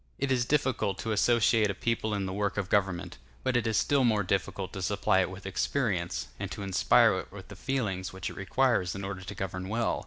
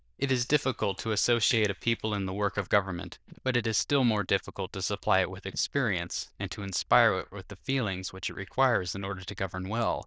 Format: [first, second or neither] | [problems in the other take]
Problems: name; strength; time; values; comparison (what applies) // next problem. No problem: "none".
first | noise reduction (neural diffusion model UNIVERSE++)